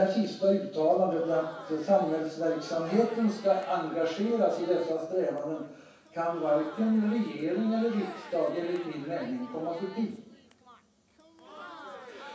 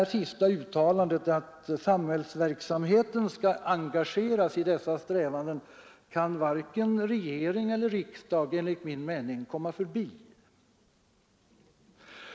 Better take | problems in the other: second | background sound (Crowd); 18 dB below the speech // room echo; dies away in 0.7 s

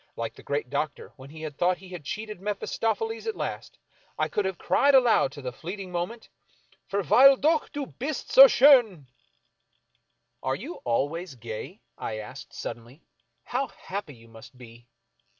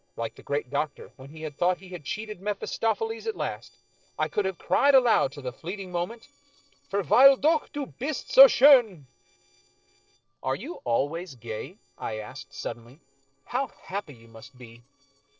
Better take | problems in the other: first | noise reduction (neural separator model SepFormer DNS4)

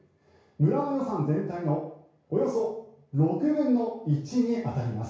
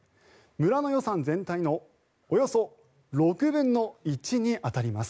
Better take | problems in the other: second | room echo; dies away in 0.6 s

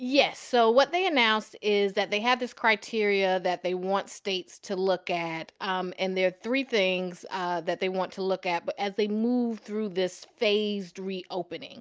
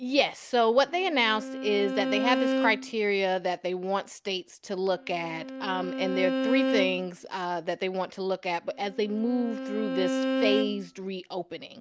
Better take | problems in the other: first | background sound (Bowed string instrument); 4 dB below the speech

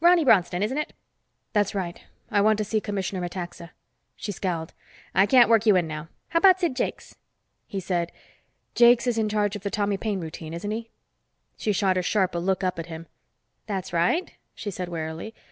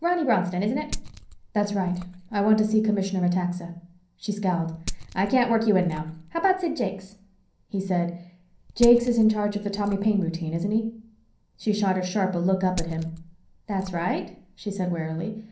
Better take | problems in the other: first | background sound (Glass); 15 dB below the speech // room echo; dies away in 0.6 s

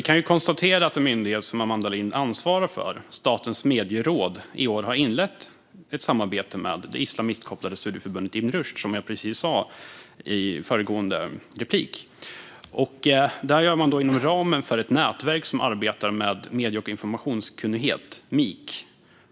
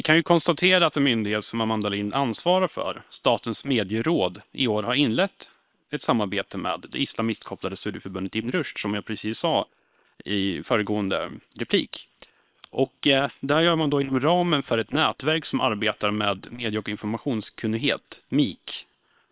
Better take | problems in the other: first | noise reduction (neural separator model SepFormer WHAM!)

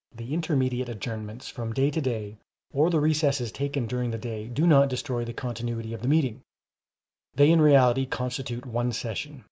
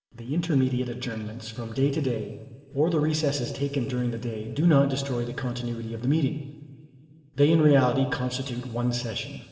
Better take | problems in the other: first | room echo; dies away in 3 s

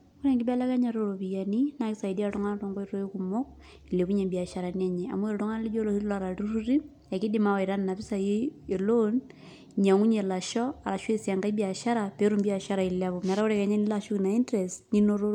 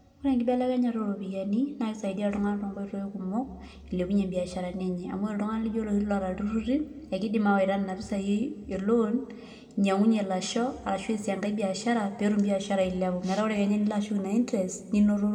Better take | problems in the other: first | room echo; dies away in 1.1 s

